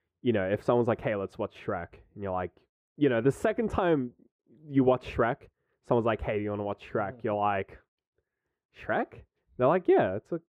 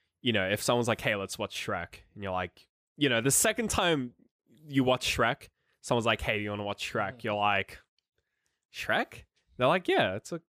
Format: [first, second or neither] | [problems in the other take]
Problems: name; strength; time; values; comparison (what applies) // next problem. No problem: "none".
second | muffled; very; fading above 2.5 kHz